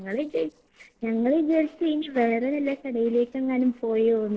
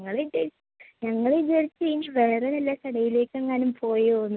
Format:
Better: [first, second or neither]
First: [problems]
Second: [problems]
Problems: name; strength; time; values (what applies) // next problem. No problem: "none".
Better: second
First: noise reduction (neural separator model SepFormer DNS4)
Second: none